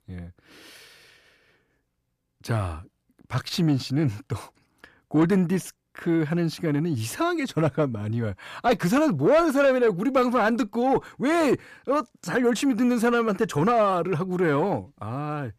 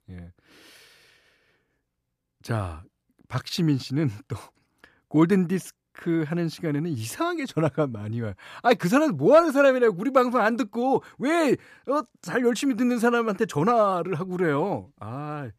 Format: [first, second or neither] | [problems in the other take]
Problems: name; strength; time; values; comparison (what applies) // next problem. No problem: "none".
second | distortion; slight; 10 dB below the speech